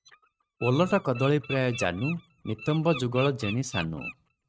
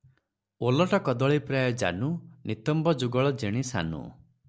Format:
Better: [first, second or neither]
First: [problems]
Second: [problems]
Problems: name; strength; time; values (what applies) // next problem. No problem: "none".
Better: second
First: noise reduction (neural mask model RNNoise)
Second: none